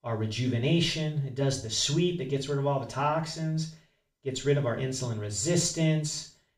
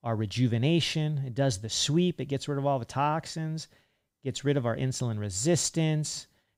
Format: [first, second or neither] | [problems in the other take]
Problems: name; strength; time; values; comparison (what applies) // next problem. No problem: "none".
second | room echo; slight; dies away in 0.3 s // off-mic speech; far